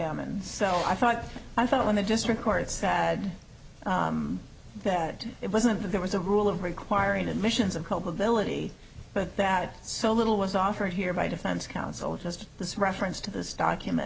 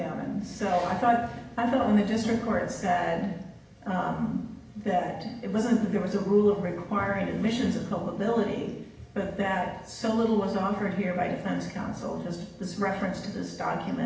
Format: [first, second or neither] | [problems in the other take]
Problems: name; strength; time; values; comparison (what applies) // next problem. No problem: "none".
first | room echo; dies away in 0.8 s